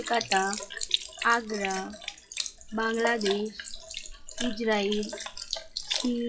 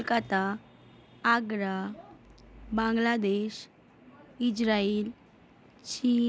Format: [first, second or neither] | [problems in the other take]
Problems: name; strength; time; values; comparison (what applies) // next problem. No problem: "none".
second | noise reduction (classical method WPE with log-MMSE)